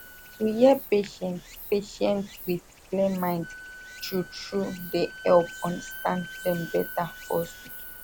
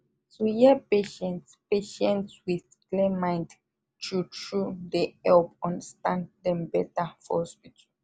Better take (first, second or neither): second